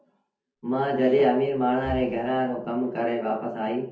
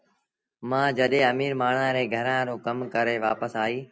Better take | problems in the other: second | background sound (Breathing); 19 dB below the speech // room echo; dies away in 0.5 s

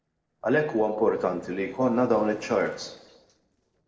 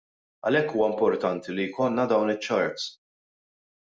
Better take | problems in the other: second | noise reduction (neural separator model SepFormer DNS4)

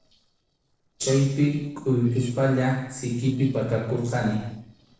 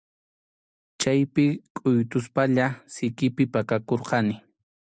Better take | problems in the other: second | noise reduction (neural separator model SepFormer DNS4)

